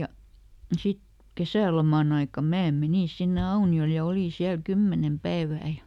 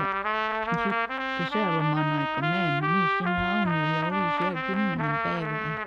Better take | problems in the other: first | background sound (Trumpet); 2 dB above the speech

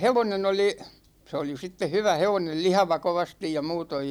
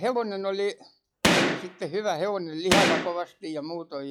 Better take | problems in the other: first | noise reduction (classical method log-MMSE)

